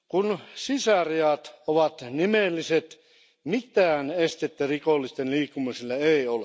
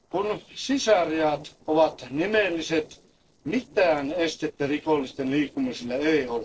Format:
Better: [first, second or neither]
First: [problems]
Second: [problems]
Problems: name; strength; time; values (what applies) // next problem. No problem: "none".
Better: first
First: none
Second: noise reduction (neural separator model SepFormer DNS4)